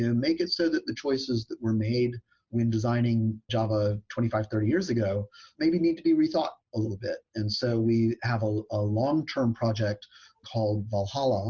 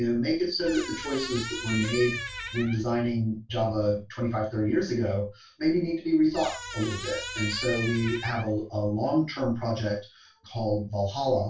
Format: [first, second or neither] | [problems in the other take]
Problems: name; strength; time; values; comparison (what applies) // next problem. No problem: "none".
first | background sound (Squeak); 9 dB below the speech // room echo; dies away in 0.2 s